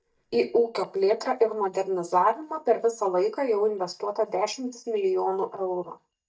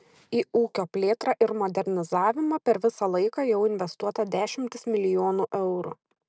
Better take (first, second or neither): second